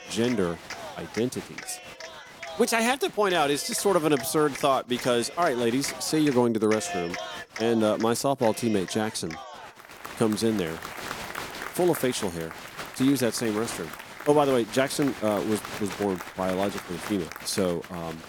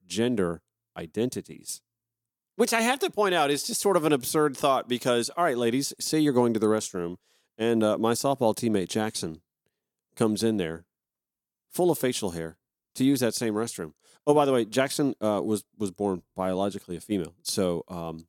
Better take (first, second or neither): second